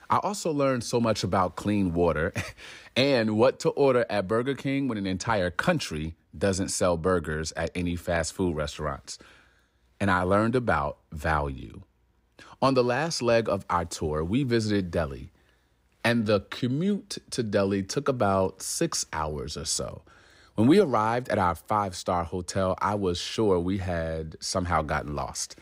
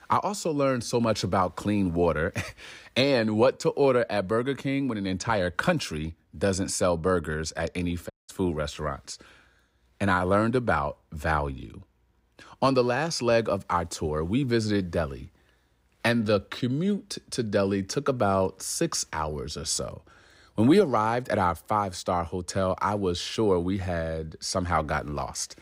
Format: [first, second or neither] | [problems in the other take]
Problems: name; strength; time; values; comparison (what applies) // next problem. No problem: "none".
first | audio cutting out; at 8 s